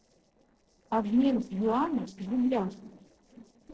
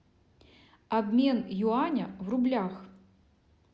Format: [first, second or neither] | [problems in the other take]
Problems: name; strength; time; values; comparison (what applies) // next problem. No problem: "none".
second | noise reduction (neural separator model SepFormer DNS4)